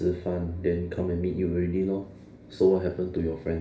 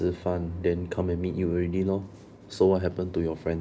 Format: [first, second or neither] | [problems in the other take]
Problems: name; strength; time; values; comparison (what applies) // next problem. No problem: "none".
second | room echo; dies away in 0.5 s